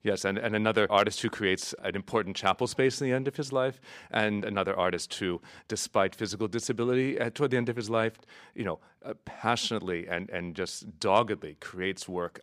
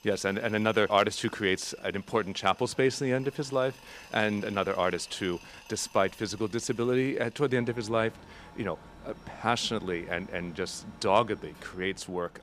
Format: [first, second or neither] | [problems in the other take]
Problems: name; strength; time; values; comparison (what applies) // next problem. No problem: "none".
first | machinery noise; faint; throughout; 20 dB below the speech